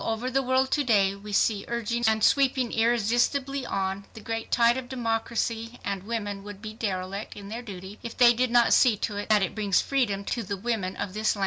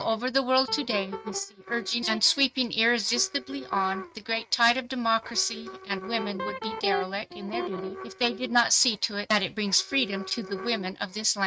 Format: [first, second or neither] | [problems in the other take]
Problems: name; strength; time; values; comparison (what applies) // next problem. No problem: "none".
first | noise reduction (neural mask model RNNoise)